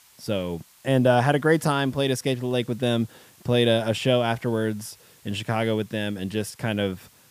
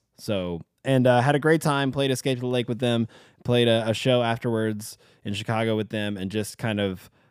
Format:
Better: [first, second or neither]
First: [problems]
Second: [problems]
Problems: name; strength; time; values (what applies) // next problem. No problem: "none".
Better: second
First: hiss; faint; throughout; 30 dB below the speech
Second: none